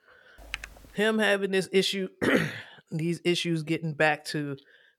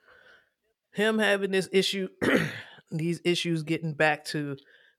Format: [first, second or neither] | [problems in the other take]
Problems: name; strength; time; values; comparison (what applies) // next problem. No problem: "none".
second | keyboard typing; faint; at 0.5 s; peak 10 dB below the speech